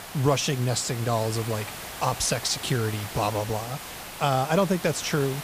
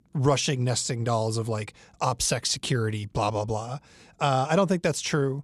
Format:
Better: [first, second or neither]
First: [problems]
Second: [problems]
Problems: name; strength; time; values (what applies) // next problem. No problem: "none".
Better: second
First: hiss; noticeable; throughout; 10 dB below the speech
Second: none